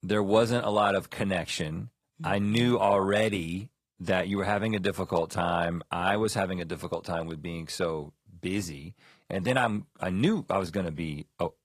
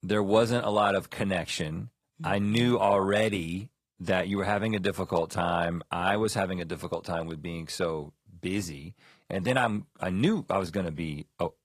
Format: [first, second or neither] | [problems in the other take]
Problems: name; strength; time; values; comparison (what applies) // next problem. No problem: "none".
neither | garbled, watery; slightly; nothing above 15 kHz; the same in both